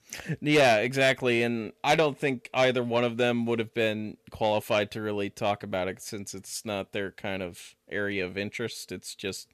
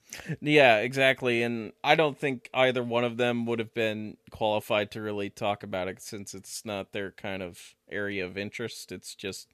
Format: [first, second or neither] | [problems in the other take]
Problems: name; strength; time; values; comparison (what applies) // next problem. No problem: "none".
second | distortion; slight; 10 dB below the speech